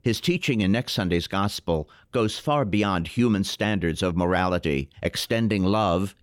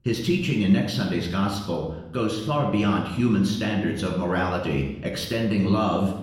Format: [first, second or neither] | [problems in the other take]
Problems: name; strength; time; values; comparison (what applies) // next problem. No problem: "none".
first | off-mic speech; somewhat distant // room echo; noticeable; dies away in 0.7 s